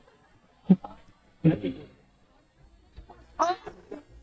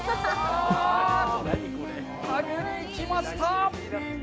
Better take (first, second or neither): second